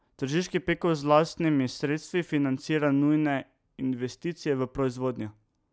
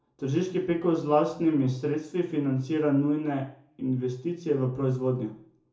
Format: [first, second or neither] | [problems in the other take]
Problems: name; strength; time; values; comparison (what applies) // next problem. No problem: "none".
first | room echo; dies away in 0.6 s